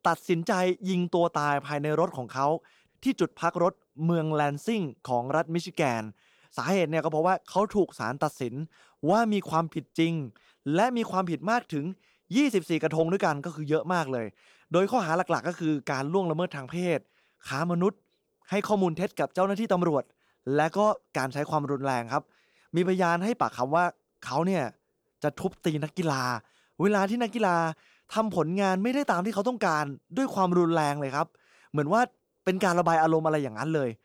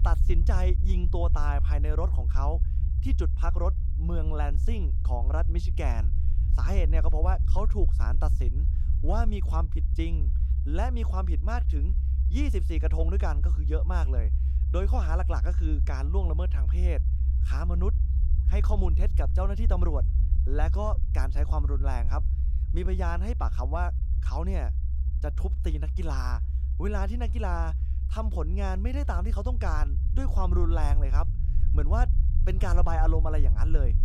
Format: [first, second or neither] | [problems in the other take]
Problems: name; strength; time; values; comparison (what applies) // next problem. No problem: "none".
first | low rumble; noticeable; throughout; 10 dB below the speech